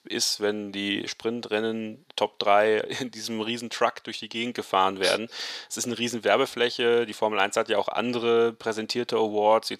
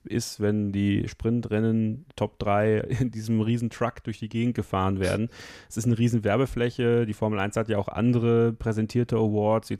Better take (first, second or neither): second